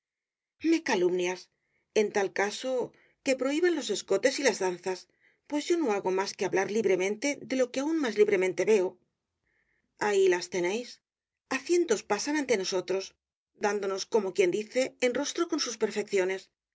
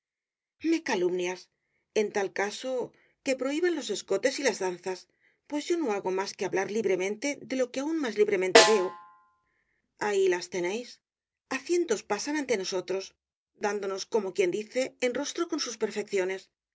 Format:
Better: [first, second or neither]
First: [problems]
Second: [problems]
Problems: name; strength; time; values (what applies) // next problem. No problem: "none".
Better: first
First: none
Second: background sound (Snare drum); 3 dB above the speech